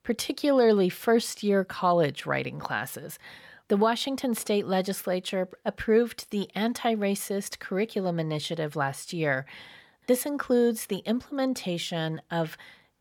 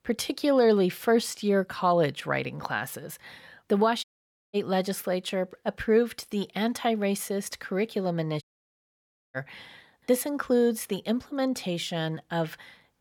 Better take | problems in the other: first | audio cutting out; at 4 s and at 8.5 s for 1 s

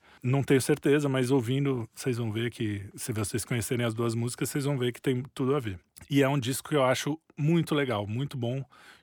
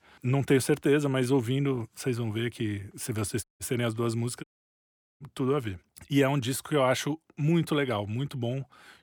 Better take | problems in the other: first | audio cutting out; at 3.5 s and at 4.5 s for 1 s

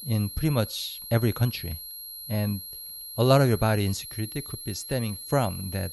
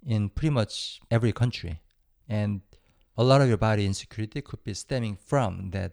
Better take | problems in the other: second | high-pitched whine; loud; throughout; 11.5 kHz, 10 dB below the speech

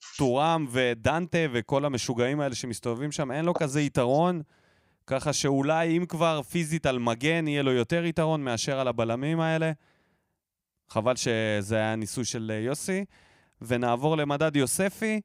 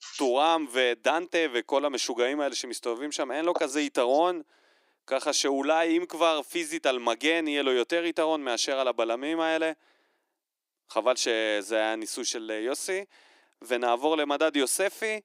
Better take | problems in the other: first | thin; somewhat; fading below 300 Hz

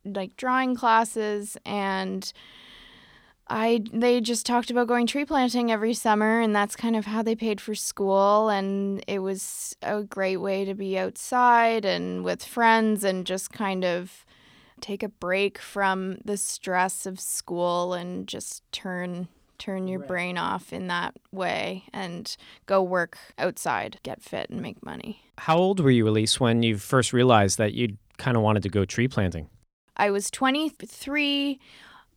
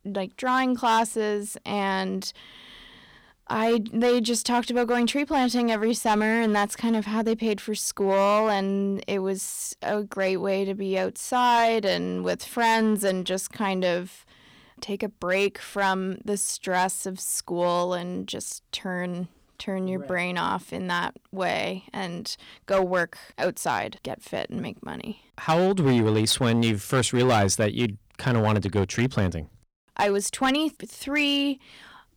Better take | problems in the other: first | distortion; slight; 4% of the sound clipped

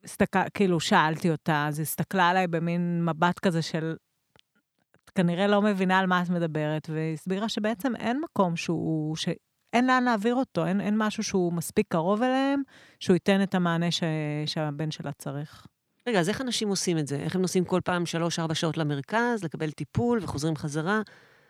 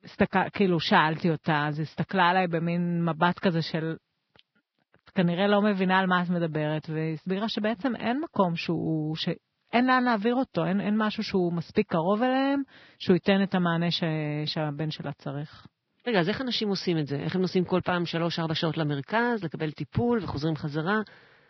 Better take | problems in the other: first | garbled, watery; badly; nothing above 5.5 kHz

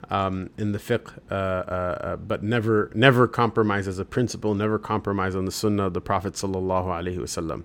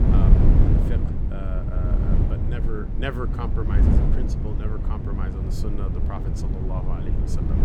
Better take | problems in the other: first | wind noise on the microphone; heavy; 2 dB above the speech

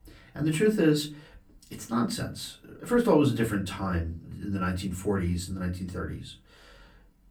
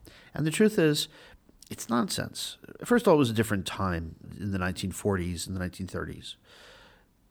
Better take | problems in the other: second | off-mic speech; far // room echo; very slight; dies away in 0.3 s

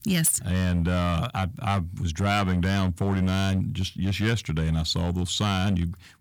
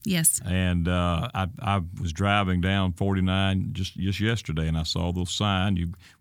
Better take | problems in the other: second | distortion; slight; 7% of the sound clipped

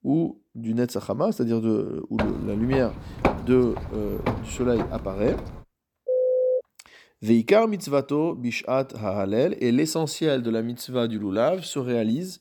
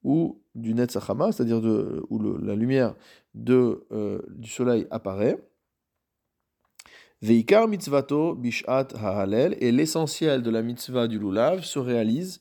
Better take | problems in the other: second | footsteps; noticeable; from 2 to 5.5 s; peak 1 dB below the speech // phone ringing; loud; at 6 s; peak 3 dB above the speech

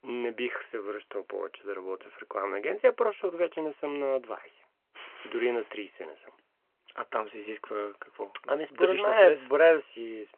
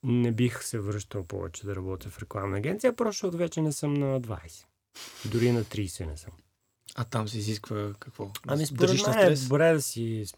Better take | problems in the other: second | phone-call audio

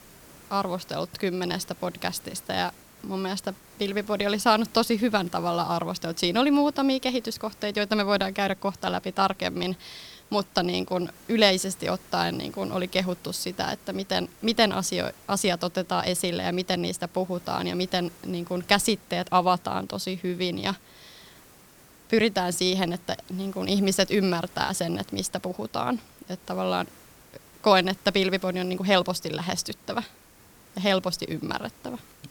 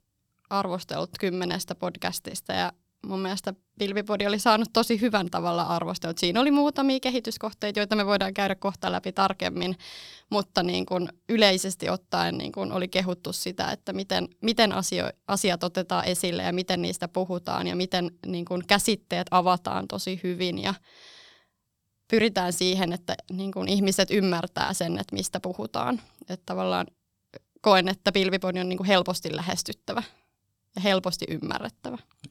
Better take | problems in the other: second | hiss; faint; throughout; 25 dB below the speech

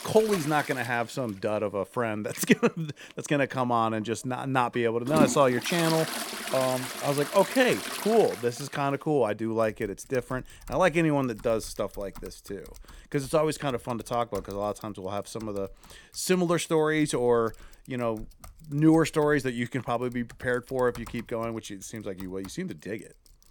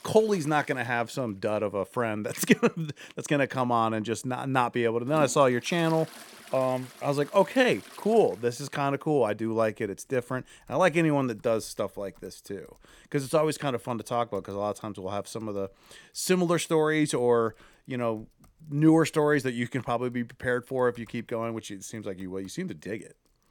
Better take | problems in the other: second | household noises; loud; throughout; 8 dB below the speech; faint in the second

